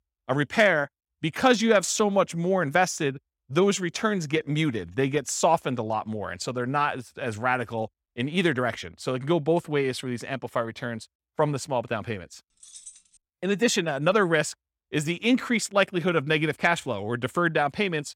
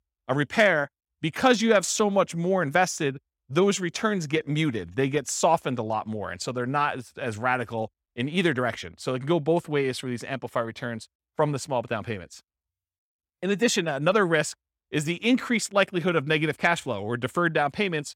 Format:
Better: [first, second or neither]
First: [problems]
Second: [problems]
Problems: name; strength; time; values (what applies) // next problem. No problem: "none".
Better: second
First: jangling keys; faint; at 13 s; peak 20 dB below the speech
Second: none